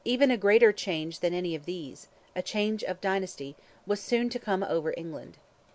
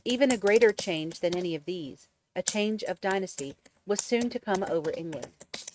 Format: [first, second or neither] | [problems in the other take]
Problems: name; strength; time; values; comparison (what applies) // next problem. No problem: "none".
first | noise reduction (neural mask model RNNoise)